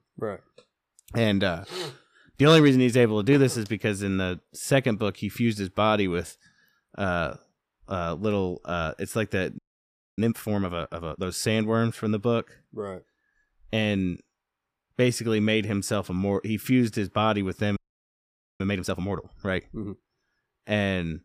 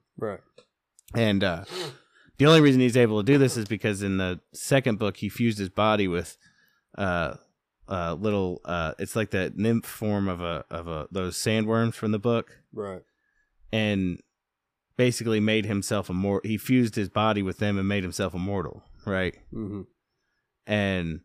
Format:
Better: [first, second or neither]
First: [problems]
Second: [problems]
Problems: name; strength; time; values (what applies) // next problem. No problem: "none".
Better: second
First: audio freezing; at 9.5 s for 0.5 s and at 18 s for 1 s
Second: none